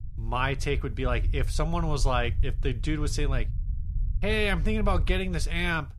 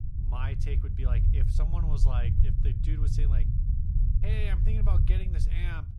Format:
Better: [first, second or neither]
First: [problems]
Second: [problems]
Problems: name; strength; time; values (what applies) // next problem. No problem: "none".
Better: first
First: low rumble; faint; throughout; 20 dB below the speech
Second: low rumble; loud; throughout; 1 dB below the speech